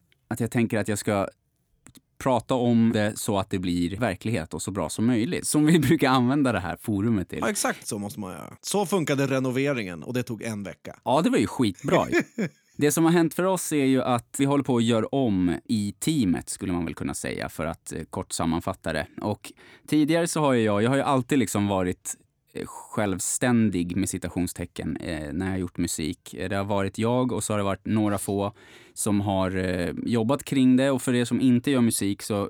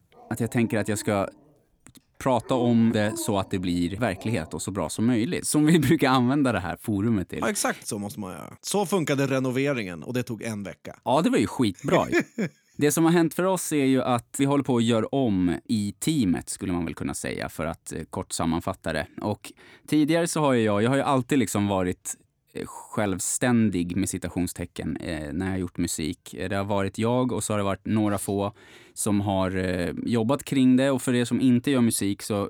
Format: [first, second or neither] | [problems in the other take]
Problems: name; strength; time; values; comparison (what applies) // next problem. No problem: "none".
first | dog barking; faint; until 4.5 s; peak 10 dB below the speech